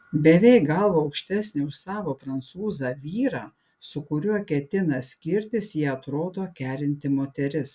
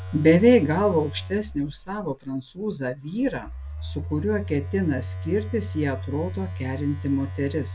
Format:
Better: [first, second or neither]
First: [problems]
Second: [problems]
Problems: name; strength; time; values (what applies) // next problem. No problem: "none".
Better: first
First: none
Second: background sound (Telephone); 9 dB below the speech